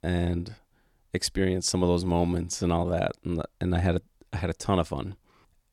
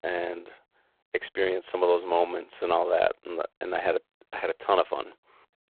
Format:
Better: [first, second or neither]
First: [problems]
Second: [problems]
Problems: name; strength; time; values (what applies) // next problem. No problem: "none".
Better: first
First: none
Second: phone-call audio; poor line; nothing above 4 kHz